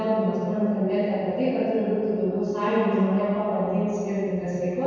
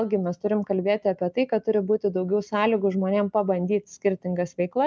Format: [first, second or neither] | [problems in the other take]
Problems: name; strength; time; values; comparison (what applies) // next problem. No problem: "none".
second | room echo; dies away in 2.1 s